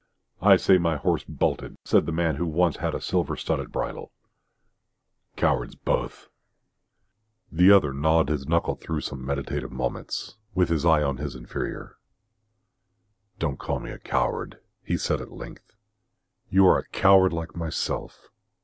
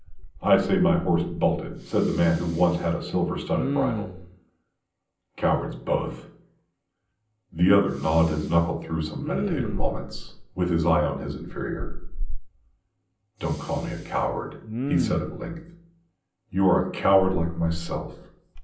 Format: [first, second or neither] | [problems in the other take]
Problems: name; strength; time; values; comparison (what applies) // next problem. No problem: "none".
first | background sound (Respiratory sounds); 7 dB below the speech // room echo; dies away in 0.6 s